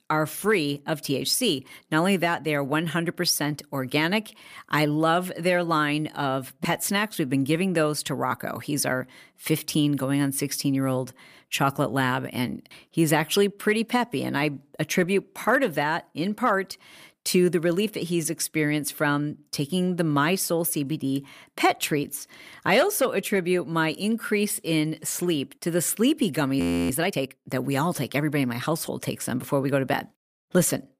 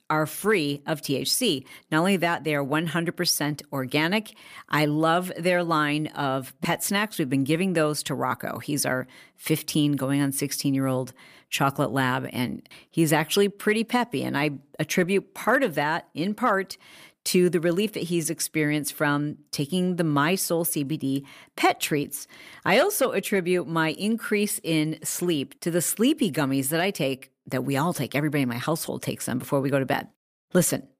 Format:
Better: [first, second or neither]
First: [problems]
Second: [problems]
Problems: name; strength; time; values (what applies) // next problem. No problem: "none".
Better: second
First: audio freezing; at 27 s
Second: none